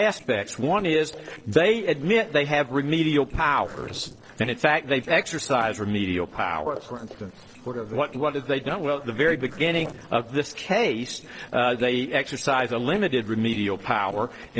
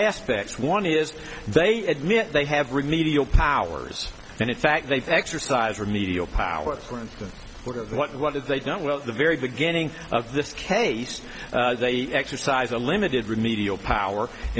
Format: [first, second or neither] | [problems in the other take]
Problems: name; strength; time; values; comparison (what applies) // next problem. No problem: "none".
second | noise reduction (neural separator model SepFormer DNS4)